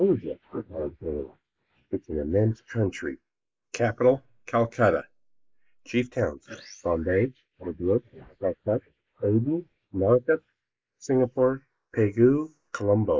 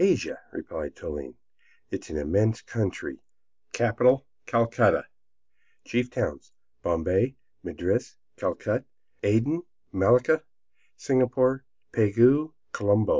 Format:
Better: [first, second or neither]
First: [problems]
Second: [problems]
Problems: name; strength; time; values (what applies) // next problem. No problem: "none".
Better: second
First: noise reduction (neural mask model Resemble Enhance denoiser)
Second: none